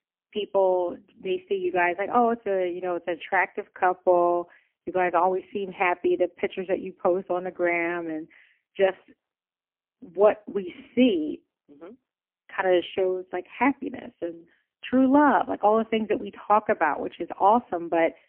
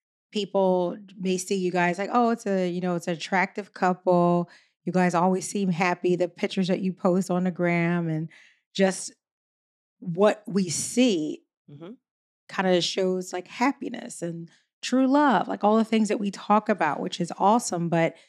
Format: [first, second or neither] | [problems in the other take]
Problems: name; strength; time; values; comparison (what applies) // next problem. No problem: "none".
second | phone-call audio; poor line; nothing above 3 kHz